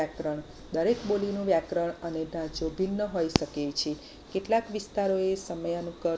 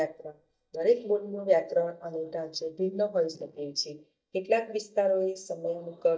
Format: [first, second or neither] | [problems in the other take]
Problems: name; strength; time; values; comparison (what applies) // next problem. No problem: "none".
first | noise reduction (neural mask model DeepFilterNet 3)